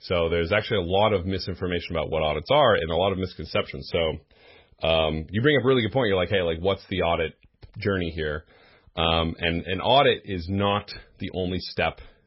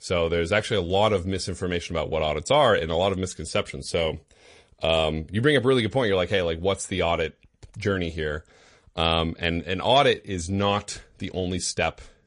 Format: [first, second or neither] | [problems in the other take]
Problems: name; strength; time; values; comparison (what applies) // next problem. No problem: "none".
second | garbled, watery; badly; nothing above 5.5 kHz; slightly in the second